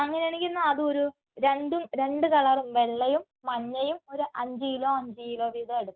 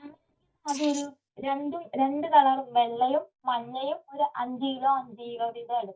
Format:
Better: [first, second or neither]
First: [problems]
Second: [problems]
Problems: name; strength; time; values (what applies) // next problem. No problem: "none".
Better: first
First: none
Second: noise reduction (neural mask model DeepFilterNet 3)